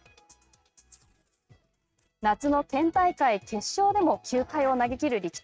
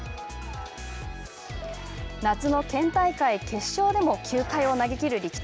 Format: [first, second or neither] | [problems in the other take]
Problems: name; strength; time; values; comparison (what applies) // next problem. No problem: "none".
second | noise reduction (neural mask model RNNoise)